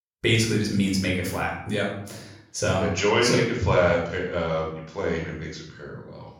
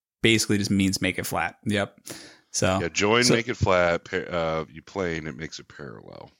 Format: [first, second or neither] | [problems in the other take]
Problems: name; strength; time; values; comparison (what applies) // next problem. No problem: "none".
second | off-mic speech; far // room echo; noticeable; dies away in 0.7 s